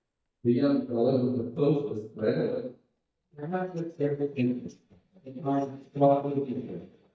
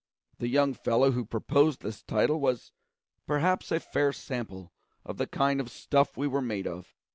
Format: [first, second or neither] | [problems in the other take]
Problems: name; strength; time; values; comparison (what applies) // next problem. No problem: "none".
second | noise reduction (neural mask model DeepFilterNet 3)